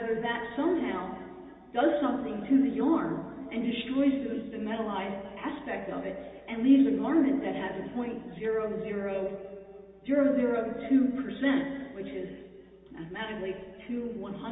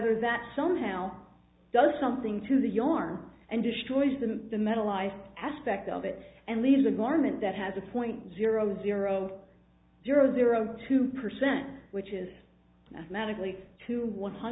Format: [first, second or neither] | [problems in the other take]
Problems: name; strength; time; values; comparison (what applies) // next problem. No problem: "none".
second | room echo; dies away in 2.3 s